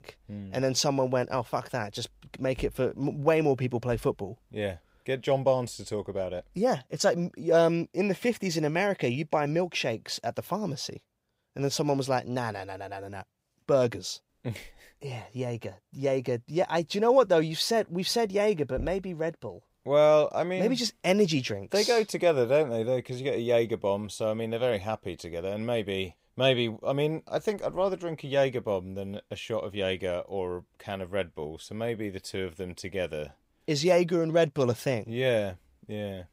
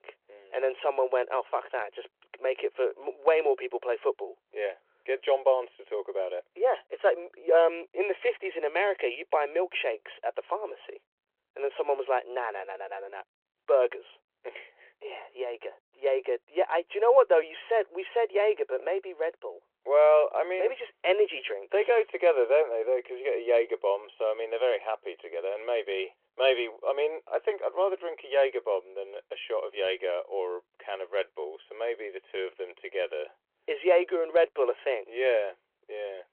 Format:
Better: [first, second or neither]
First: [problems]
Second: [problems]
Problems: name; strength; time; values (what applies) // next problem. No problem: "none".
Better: first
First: none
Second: phone-call audio